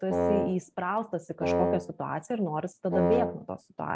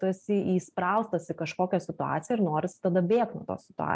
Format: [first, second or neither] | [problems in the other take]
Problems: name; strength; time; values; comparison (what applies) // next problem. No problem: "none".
second | background sound (Wind instrument, woodwind instrument); 2 dB above the speech